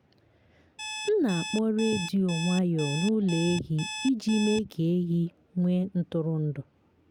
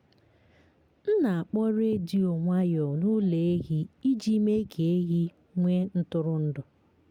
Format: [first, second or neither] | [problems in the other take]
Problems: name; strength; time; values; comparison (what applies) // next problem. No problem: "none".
second | background sound (Alarm); 10 dB below the speech